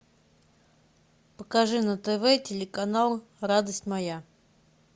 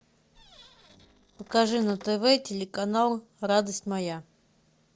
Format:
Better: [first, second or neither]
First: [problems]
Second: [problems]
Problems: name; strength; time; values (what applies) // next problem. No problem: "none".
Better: first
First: none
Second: noise reduction (neural separator model SepFormer DNS4)